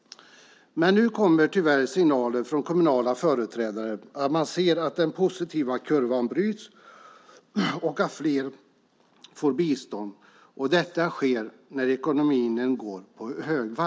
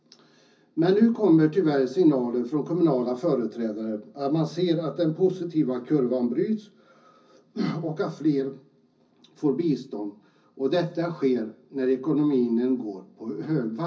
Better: first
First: none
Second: room echo; dies away in 0.4 s

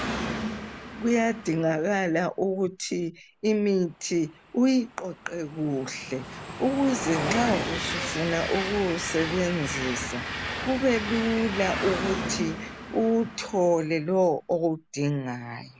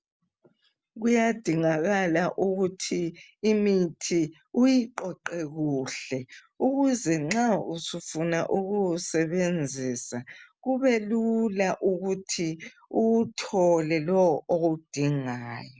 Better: second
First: background sound (Train); 8 dB below the speech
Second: none

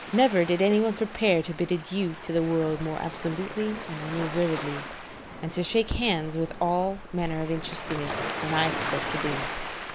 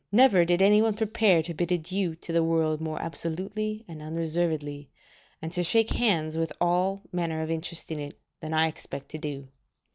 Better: second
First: background sound (Waves, surf); 8 dB below the speech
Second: none

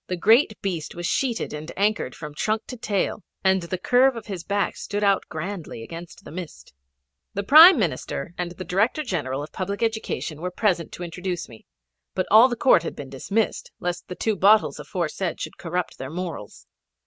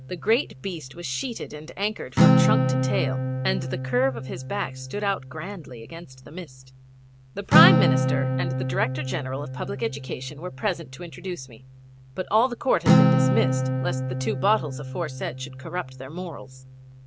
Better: first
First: none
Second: background sound (Acoustic guitar); 3 dB above the speech

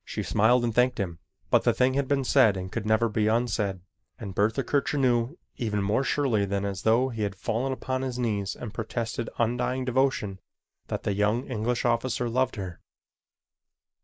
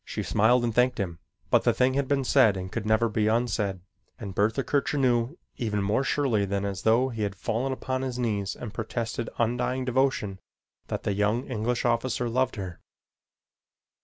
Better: second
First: noise reduction (neural mask model Resemble Enhance denoiser)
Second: none

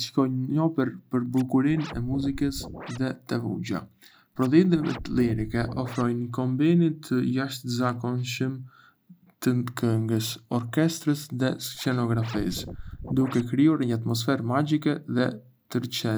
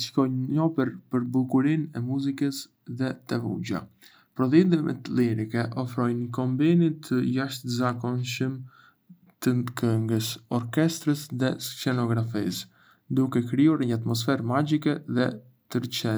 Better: second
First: background sound (Scratching (performance technique)); 13 dB below the speech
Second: none

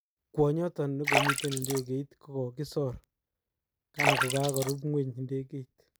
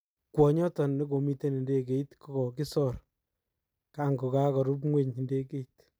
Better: second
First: background sound (Splash, splatter); 1 dB below the speech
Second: none

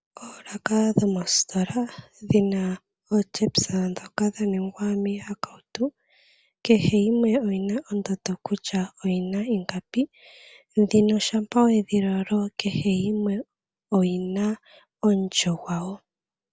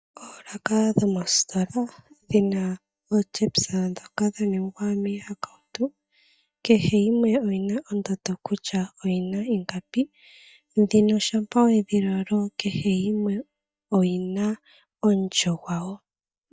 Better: first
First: none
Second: noise reduction (neural mask model DeepFilterNet 3)

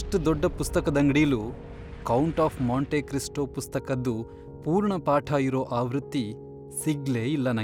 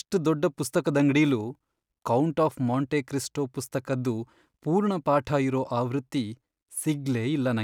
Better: second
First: background sound (Piano + Boom); 13 dB below the speech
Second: none

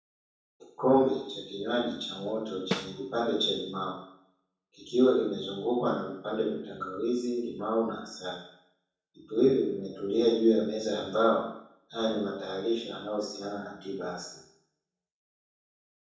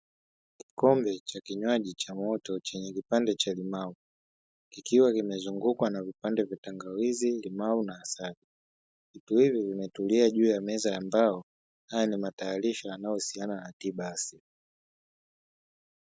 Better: second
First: background sound (Snare drum); 8 dB below the speech // room echo; dies away in 0.7 s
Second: none

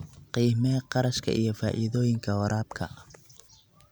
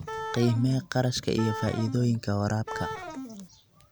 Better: first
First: none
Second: background sound (Wind instrument, woodwind instrument); 10 dB below the speech

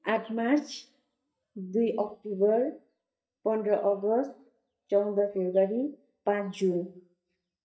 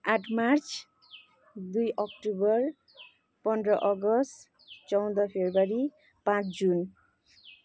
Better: second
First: noise reduction (neural mask model DeepFilterNet 3)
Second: none

